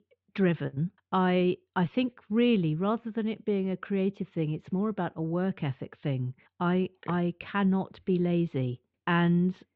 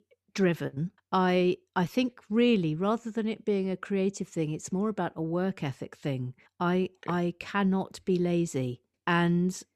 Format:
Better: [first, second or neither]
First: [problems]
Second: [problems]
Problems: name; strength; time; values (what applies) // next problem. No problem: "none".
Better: second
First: muffled; very; fading above 3.5 kHz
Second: none